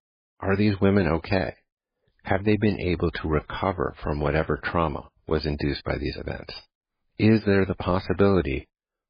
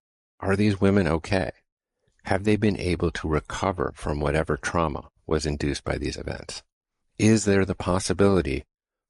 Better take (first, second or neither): second